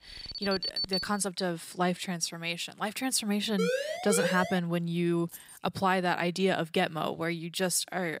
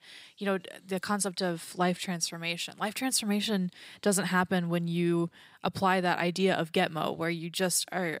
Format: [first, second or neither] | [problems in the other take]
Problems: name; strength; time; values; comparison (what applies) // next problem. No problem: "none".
second | alarm; loud; until 1 s; peak level with the speech // siren; noticeable; from 3.5 to 4.5 s; peak level with the speech // jangling keys; faint; at 5.5 s; peak 15 dB below the speech